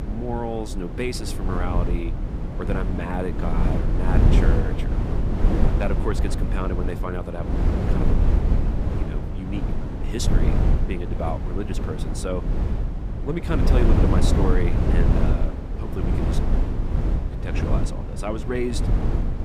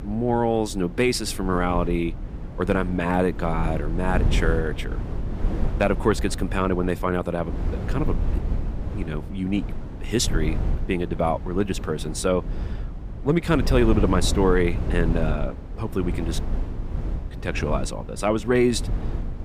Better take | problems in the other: second | wind noise on the microphone; heavy; 1 dB below the speech; occasional gusts in the second

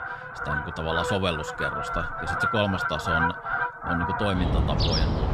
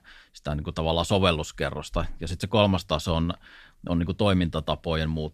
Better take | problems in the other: second | animal sounds; very loud; throughout; 2 dB above the speech

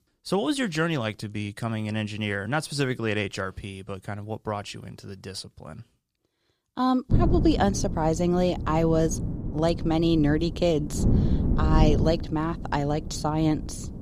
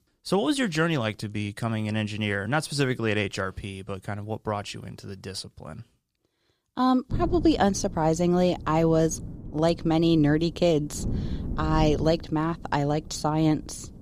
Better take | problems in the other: second | wind noise on the microphone; heavy; from 7 s on; 10 dB below the speech; occasional gusts in the second

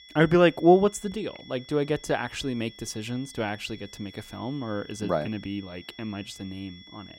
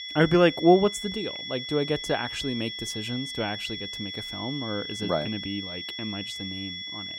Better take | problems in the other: first | high-pitched whine; loud; throughout; 3.5 kHz, 7 dB below the speech; faint in the first

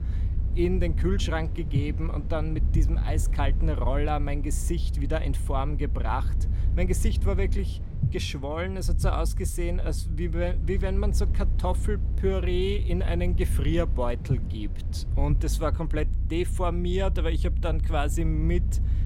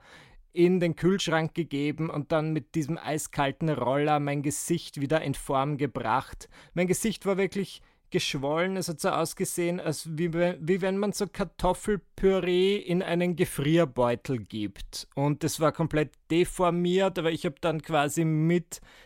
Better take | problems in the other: second | low rumble; noticeable; throughout; 15 dB below the speech

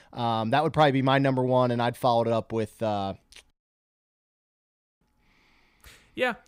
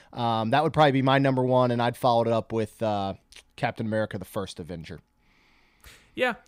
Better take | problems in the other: second | audio cutting out; at 3.5 s for 1.5 s

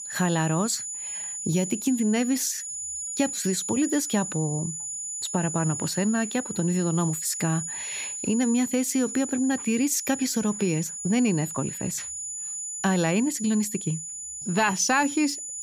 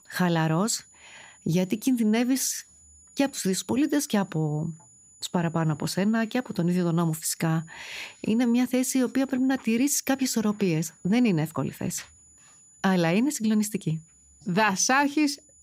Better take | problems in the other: second | high-pitched whine; loud; throughout; 7 kHz, 6 dB below the speech; faint in the second

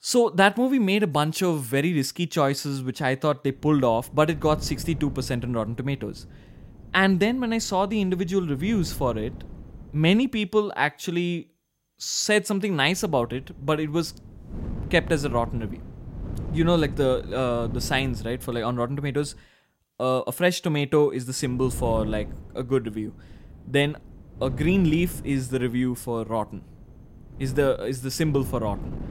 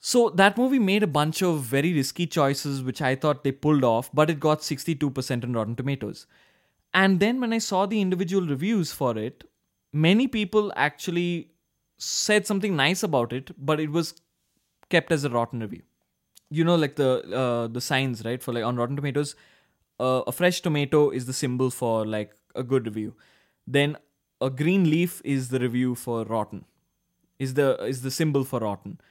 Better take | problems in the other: second | wind noise on the microphone; occasional gusts; from 3.5 to 10 s, from 13 to 19 s and from 21 s on; 20 dB below the speech

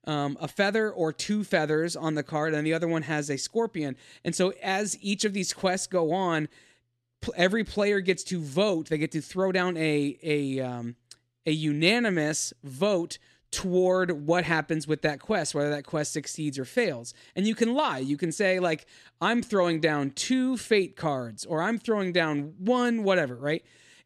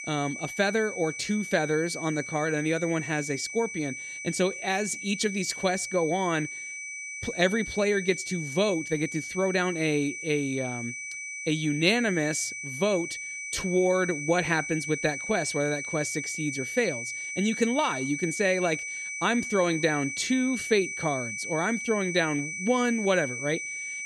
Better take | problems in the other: first | high-pitched whine; loud; throughout; 2.5 kHz, 6 dB below the speech

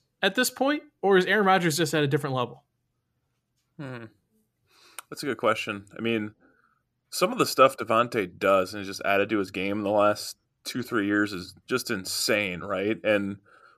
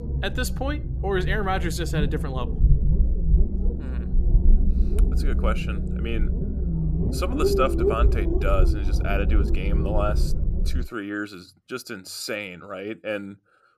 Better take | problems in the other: first | low rumble; loud; until 11 s; 5 dB below the speech

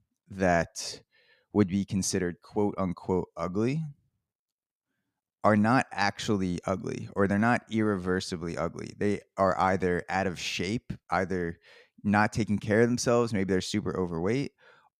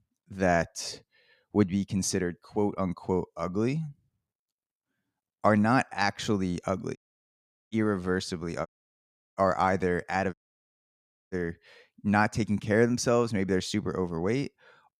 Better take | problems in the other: first | audio cutting out; at 7 s for 1 s, at 8.5 s for 0.5 s and at 10 s for 1 s

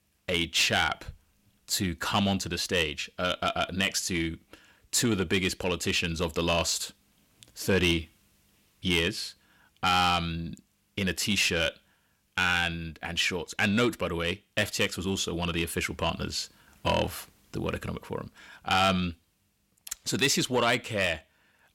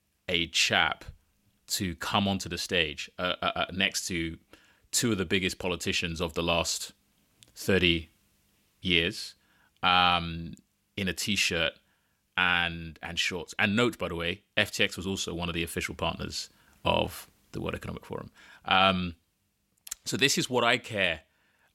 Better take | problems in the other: second | distortion; slight; 10 dB below the speech

